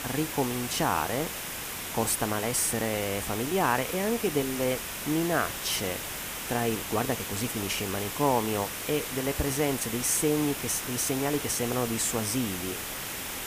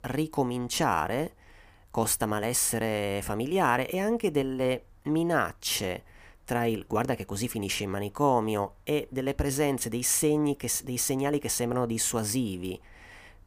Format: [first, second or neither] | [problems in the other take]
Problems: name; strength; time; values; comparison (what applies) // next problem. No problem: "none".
second | hiss; loud; throughout; 4 dB below the speech